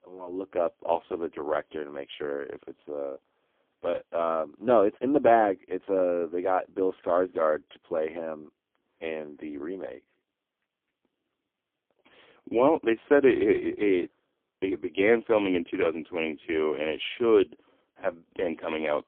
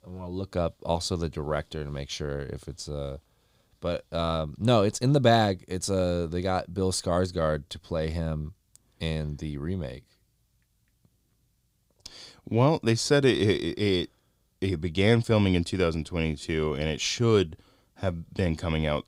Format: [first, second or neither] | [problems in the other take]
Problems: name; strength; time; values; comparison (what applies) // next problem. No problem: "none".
second | phone-call audio; poor line; nothing above 3.5 kHz